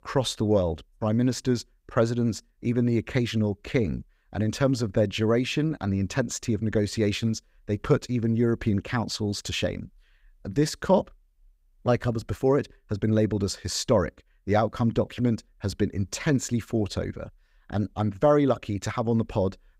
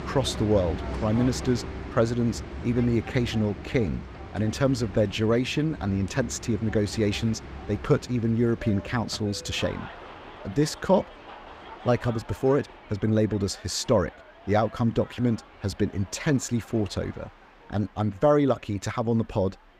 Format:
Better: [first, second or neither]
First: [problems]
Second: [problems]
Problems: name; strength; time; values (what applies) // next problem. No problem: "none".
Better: first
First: none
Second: train or aircraft noise; noticeable; throughout; 15 dB below the speech